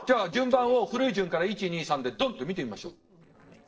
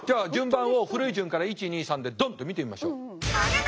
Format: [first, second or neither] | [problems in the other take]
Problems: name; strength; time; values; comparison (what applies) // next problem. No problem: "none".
second | noise reduction (neural separator model SepFormer DNS4)